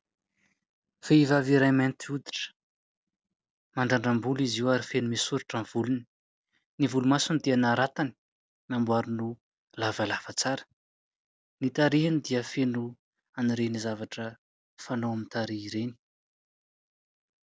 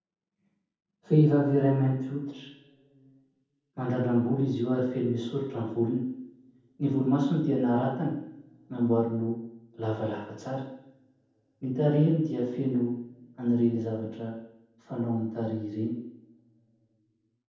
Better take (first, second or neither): first